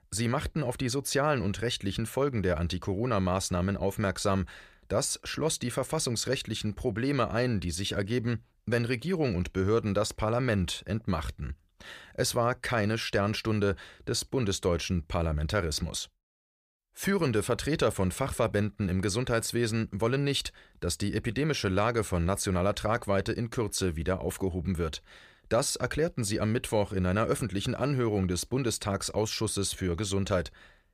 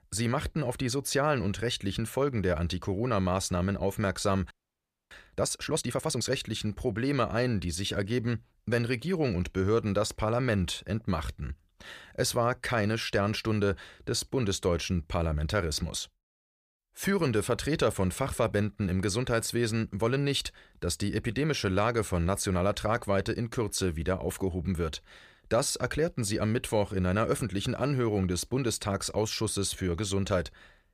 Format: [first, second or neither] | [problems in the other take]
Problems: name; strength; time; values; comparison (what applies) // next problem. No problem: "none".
first | audio freezing; at 4.5 s for 0.5 s